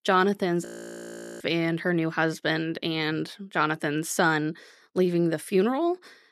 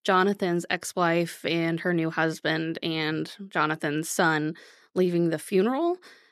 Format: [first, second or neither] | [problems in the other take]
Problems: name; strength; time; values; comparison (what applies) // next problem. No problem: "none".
second | audio freezing; at 0.5 s for 0.5 s